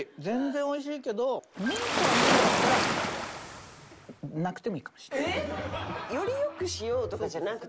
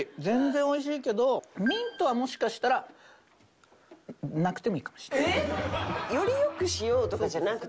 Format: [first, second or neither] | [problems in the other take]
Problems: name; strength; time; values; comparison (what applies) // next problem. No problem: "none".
second | background sound (Waves, surf); 5 dB above the speech